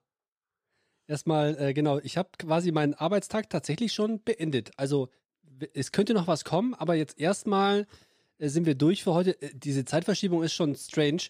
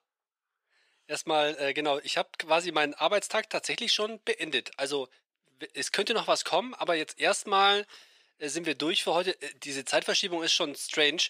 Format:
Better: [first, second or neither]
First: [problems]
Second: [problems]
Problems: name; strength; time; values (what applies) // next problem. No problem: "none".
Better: first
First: none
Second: thin; very; fading below 600 Hz